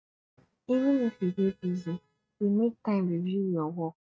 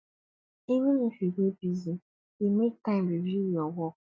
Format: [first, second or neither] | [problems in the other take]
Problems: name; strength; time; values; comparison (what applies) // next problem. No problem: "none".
second | noise reduction (neural mask model RNNoise)